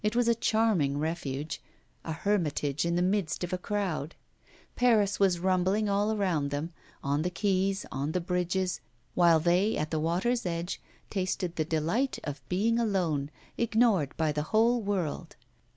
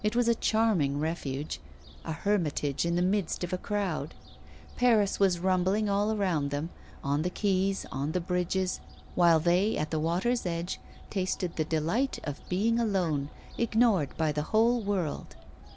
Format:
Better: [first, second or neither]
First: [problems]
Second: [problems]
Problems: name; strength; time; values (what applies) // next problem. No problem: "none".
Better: first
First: none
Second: background sound (Fowl); 18 dB below the speech